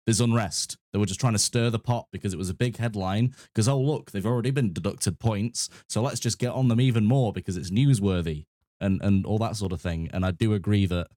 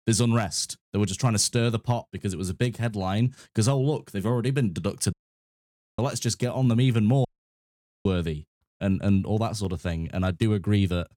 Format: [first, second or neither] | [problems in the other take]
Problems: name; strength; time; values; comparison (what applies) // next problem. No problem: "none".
first | audio cutting out; at 5 s for 1 s and at 7.5 s for 1 s